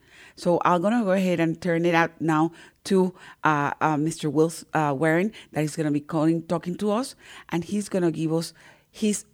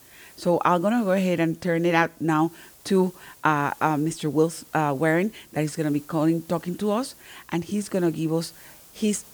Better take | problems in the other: first | hiss; faint; throughout; 25 dB below the speech

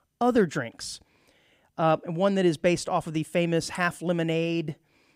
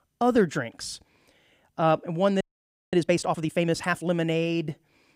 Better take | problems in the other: first | audio freezing; at 2.5 s for 0.5 s

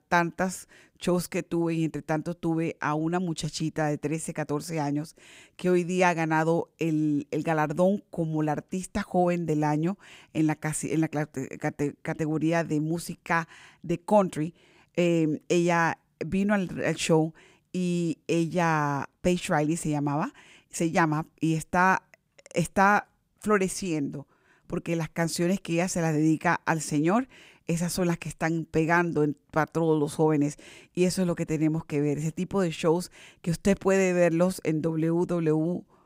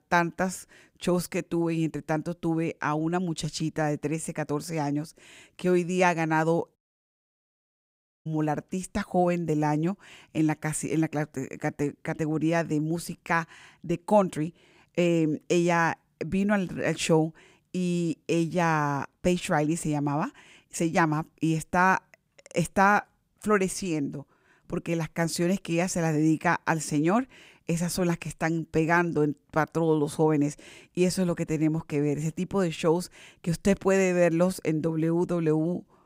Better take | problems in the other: first | audio cutting out; at 7 s for 1.5 s

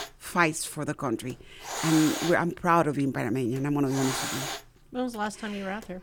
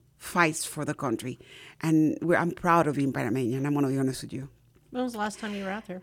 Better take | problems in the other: second | hiss; loud; throughout; 5 dB below the speech

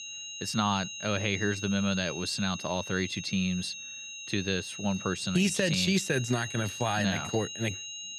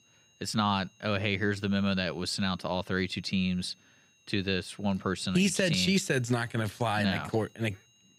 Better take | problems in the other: second | high-pitched whine; loud; throughout; 3 kHz, 8 dB below the speech; faint in the second

